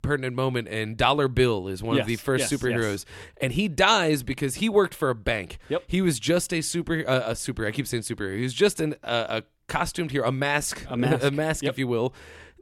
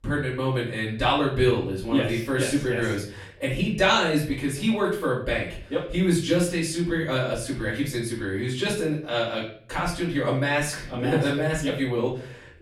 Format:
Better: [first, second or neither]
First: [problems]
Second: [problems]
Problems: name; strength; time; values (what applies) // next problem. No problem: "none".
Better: first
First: none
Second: off-mic speech; far // room echo; slight; dies away in 0.4 s